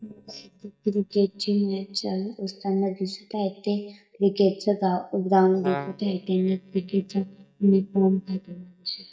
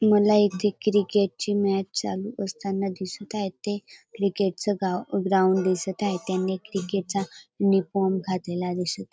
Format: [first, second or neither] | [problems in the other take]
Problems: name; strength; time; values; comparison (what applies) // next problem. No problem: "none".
second | noise reduction (neural mask model DeepFilterNet 3)